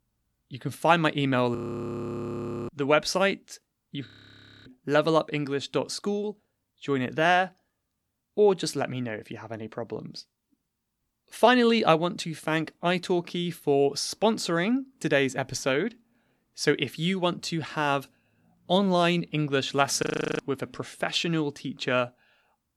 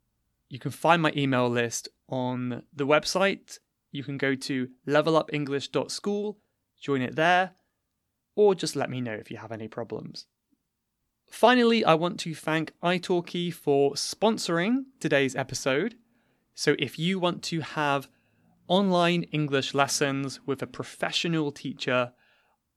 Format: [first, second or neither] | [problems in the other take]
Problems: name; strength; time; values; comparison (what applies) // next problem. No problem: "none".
second | audio freezing; at 1.5 s for 1 s, at 4 s for 0.5 s and at 20 s